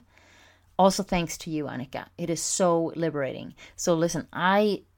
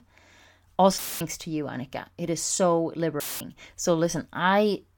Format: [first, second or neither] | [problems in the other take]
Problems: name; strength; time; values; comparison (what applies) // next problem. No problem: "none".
first | audio cutting out; filled with static; at 1 s and at 3 s